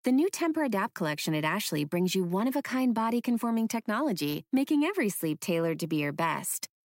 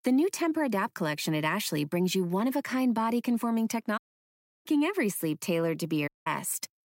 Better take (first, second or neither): first